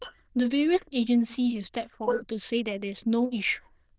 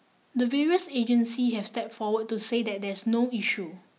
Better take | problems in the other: second | noise reduction (neural diffusion model UNIVERSE++)

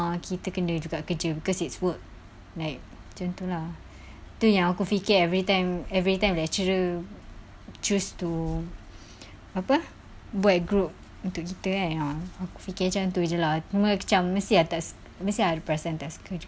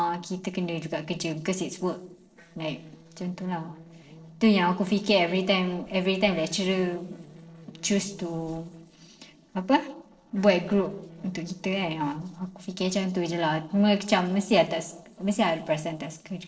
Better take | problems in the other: first | noise reduction (neural separator model SepFormer DNS4)

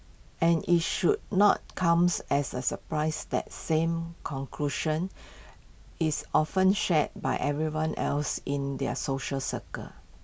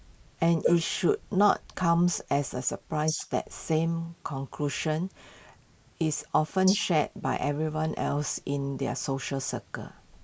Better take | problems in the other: first | noise reduction (neural mask model Resemble Enhance denoiser)

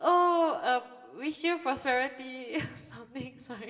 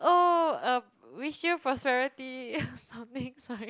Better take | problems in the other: second | room echo; dies away in 0.9 s

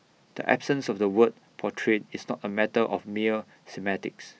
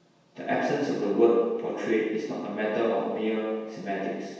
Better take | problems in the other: first | room echo; dies away in 1.2 s

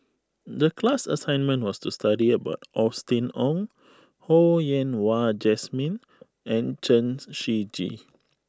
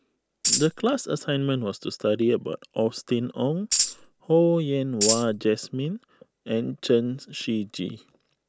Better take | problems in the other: first | background sound (Tambourine); as loud as the speech

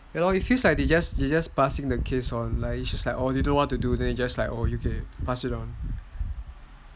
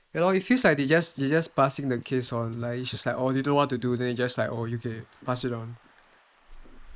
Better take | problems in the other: first | noise reduction (neural mask model Resemble Enhance denoiser)

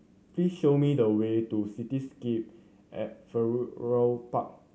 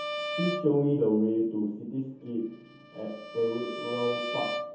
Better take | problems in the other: first | background sound (Bowed string instrument); 8 dB below the speech // room echo; dies away in 0.6 s

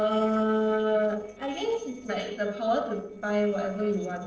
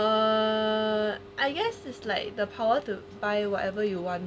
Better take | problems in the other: second | noise reduction (neural separator model SepFormer DNS4)

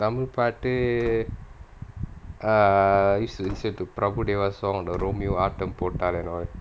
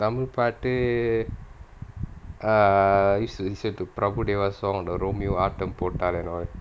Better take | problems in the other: second | background sound (Slam / Wood); 18 dB below the speech

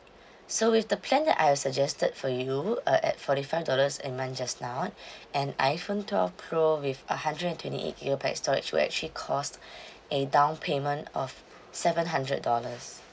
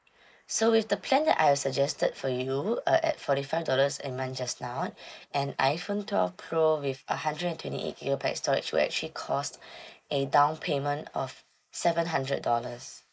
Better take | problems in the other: first | noise reduction (neural mask model Resemble Enhance denoiser)

